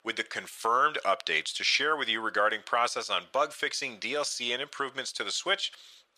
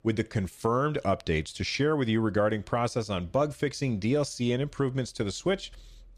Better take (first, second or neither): second